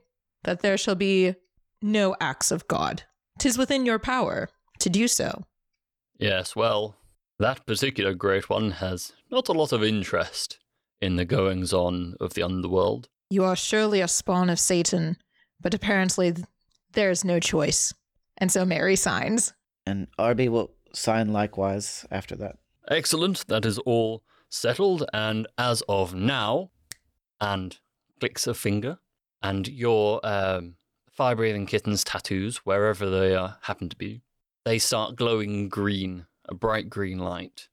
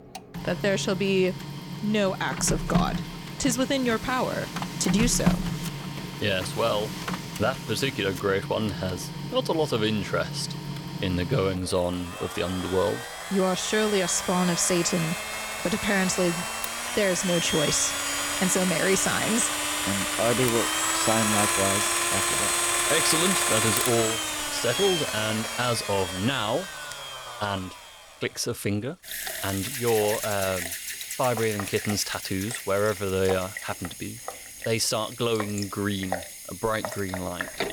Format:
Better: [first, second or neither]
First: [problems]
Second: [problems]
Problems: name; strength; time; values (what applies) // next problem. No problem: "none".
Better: first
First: none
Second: household noises; loud; throughout; 2 dB below the speech